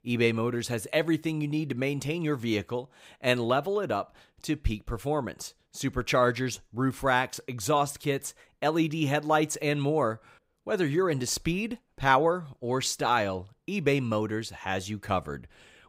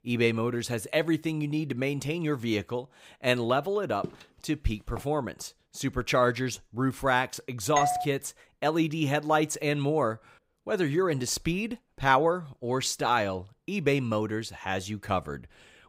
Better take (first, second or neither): first